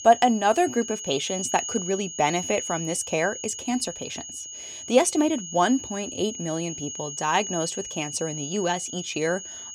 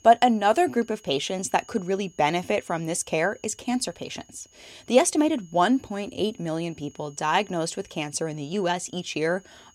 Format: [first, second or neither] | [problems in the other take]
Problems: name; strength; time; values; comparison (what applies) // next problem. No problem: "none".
second | high-pitched whine; loud; throughout; 6.5 kHz, 8 dB below the speech; faint in the second